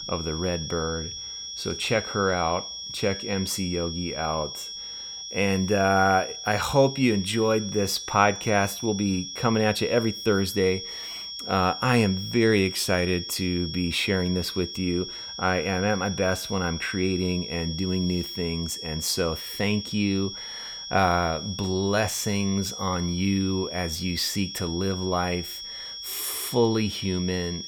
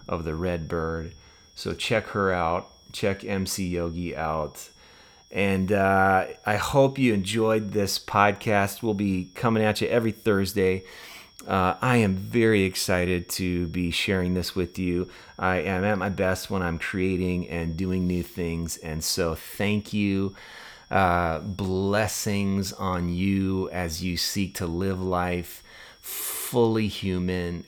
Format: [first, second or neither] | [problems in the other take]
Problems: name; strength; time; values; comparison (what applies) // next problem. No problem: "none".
second | high-pitched whine; loud; throughout; 5.5 kHz, 8 dB below the speech; faint in the second